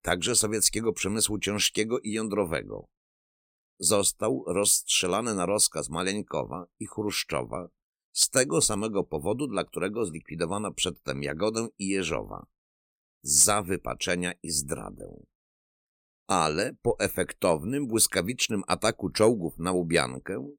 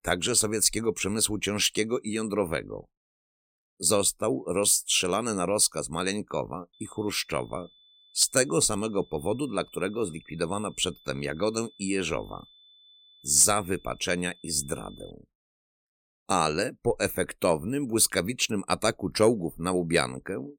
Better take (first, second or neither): first